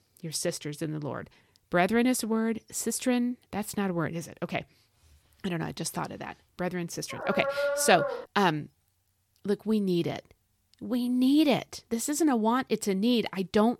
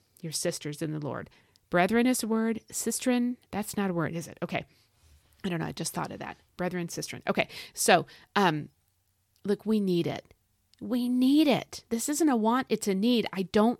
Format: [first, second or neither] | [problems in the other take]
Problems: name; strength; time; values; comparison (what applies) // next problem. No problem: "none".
second | dog barking; noticeable; from 7 to 8 s; peak 1 dB below the speech